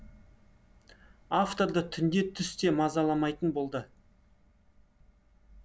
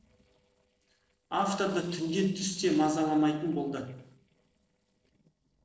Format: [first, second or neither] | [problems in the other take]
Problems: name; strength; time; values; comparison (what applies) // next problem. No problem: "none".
first | noise reduction (neural separator model SepFormer DNS4)